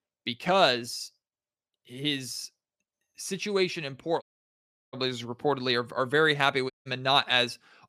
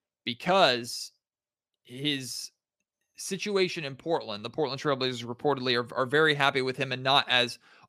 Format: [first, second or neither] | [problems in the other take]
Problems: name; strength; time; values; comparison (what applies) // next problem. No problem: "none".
second | audio cutting out; at 4 s for 0.5 s and at 6.5 s